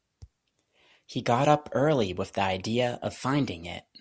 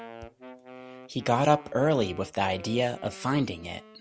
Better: first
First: none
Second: background sound (Wind instrument, woodwind instrument); 18 dB below the speech

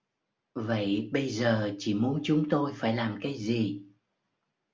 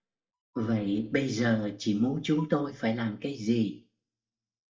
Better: first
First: none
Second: noise reduction (neural mask model DeepFilterNet 3)

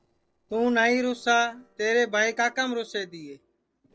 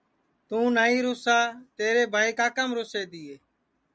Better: second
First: noise reduction (neural separator model SepFormer DNS4)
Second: none

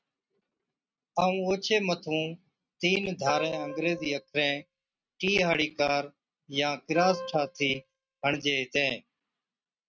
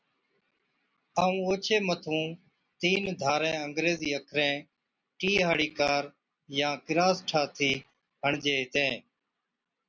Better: second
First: noise reduction (neural mask model RNNoise)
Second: none

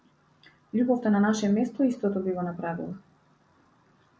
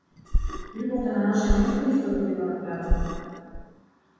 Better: first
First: none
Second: background sound (Burping, eructation); 1 dB below the speech // room echo; dies away in 2.1 s

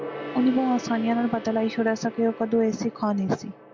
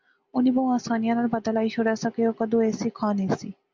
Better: second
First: background sound (Gong); 13 dB below the speech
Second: none

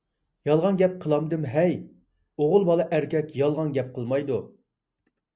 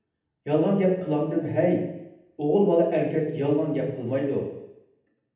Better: first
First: none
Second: room echo; dies away in 0.8 s

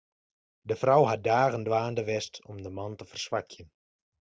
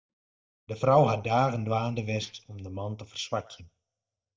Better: first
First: none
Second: noise reduction (neural mask model DeepFilterNet 3)

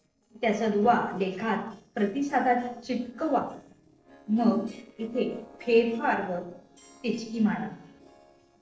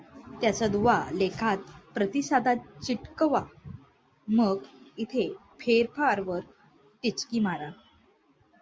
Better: second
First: noise reduction (neural separator model SepFormer DNS4)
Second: none

